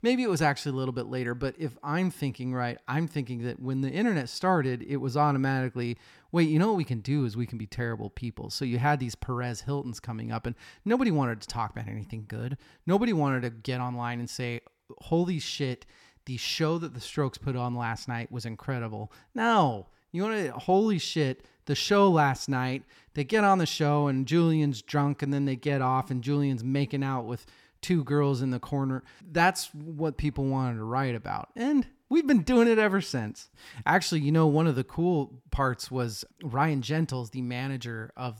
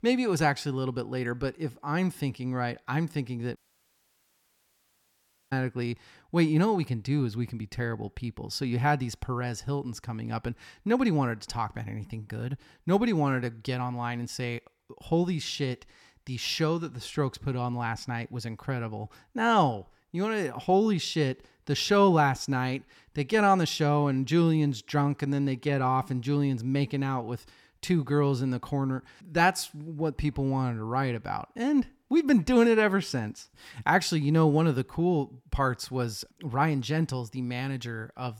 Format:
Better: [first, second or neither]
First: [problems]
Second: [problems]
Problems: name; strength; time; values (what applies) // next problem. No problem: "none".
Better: first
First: none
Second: audio cutting out; at 3.5 s for 2 s